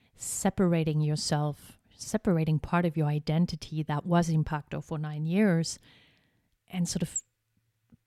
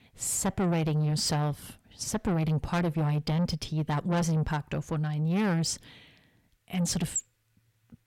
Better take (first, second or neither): first